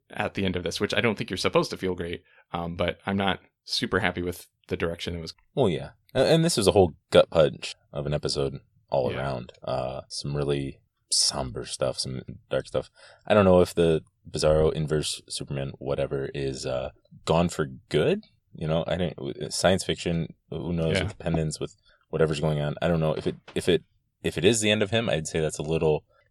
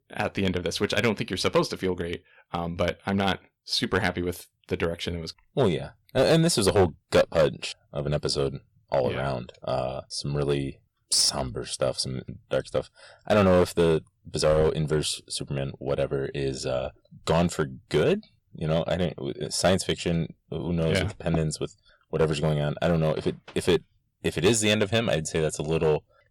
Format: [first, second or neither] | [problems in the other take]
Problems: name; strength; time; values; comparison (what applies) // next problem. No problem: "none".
first | distortion; slight; 2% of the sound clipped